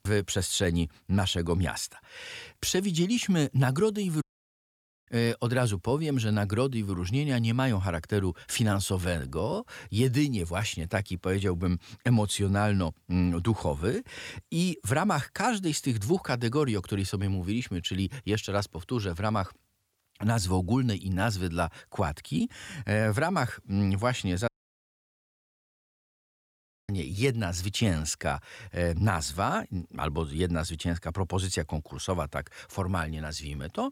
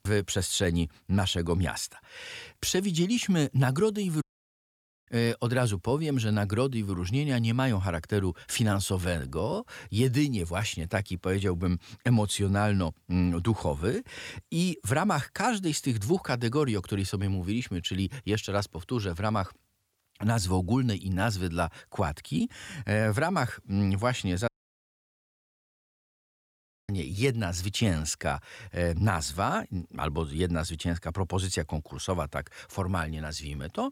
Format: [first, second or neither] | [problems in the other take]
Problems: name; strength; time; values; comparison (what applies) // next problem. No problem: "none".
neither | audio cutting out; at 4 s for 1 s and at 24 s for 2.5 s; the same in both